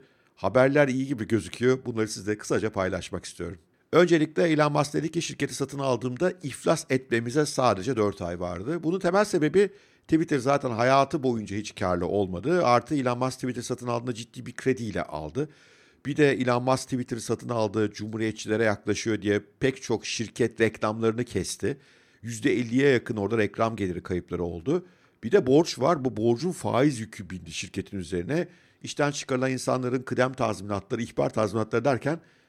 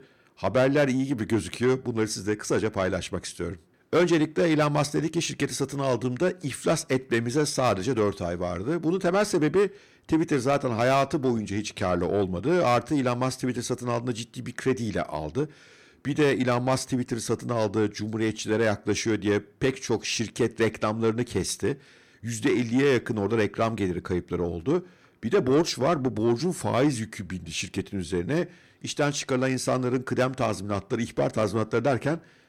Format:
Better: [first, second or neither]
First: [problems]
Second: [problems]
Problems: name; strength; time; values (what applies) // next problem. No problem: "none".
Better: first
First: none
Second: distortion; slight; 10 dB below the speech